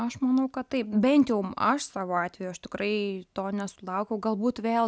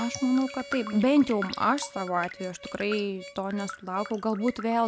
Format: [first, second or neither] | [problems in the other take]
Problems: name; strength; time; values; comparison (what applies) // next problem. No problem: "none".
first | background sound (Raindrop + Harmonica); 14 dB below the speech